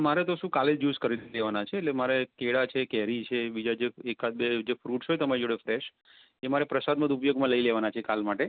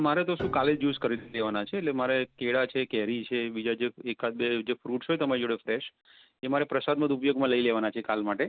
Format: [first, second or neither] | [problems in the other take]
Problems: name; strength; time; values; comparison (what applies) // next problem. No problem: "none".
first | background sound (Piano); 16 dB below the speech